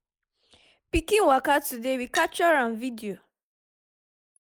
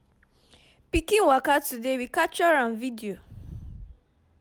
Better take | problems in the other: second | noise reduction (neural mask model Resemble Enhance denoiser)

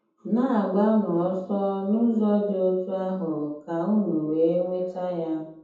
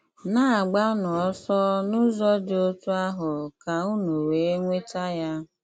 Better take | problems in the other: second | room echo; dies away in 0.7 s

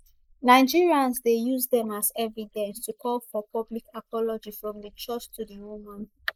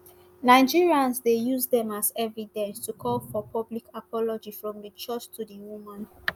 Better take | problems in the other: second | noise reduction (neural mask model Resemble Enhance denoiser)

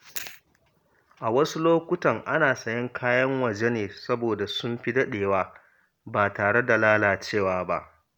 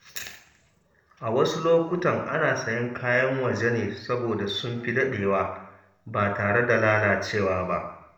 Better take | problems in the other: first | room echo; dies away in 0.7 s

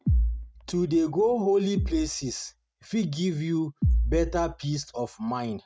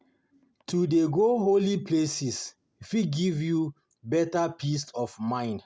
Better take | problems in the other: second | noise reduction (neural mask model RNNoise)

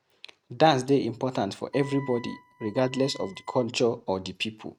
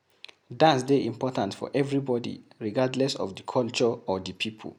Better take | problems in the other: second | noise reduction (neural mask model RNNoise)

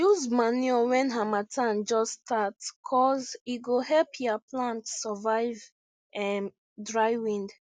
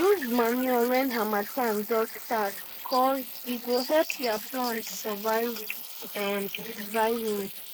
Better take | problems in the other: first | noise reduction (neural mask model Resemble Enhance denoiser)

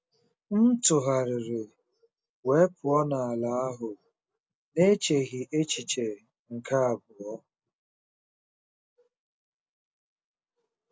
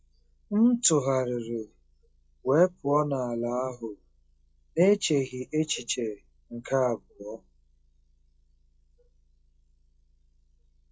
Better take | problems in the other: first | noise reduction (classical method log-MMSE)

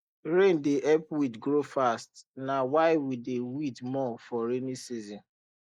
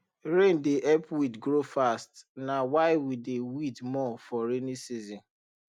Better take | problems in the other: second | noise reduction (neural mask model Resemble Enhance denoiser)

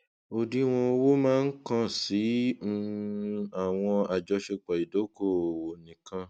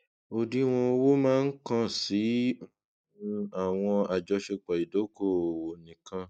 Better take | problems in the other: first | noise reduction (neural mask model Resemble Enhance denoiser)

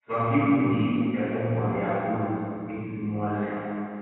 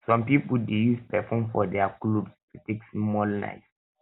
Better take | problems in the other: second | room echo; dies away in 2.1 s

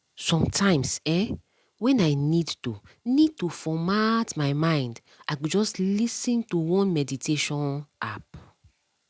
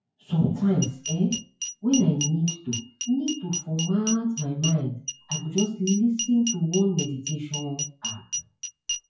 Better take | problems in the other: first | noise reduction (classical method WPE with log-MMSE)

